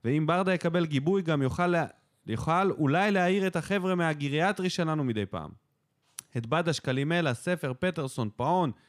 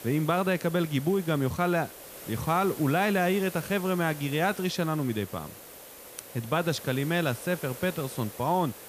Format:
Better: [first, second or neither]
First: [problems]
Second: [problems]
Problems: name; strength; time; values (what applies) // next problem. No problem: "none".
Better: first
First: none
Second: hiss; noticeable; throughout; 15 dB below the speech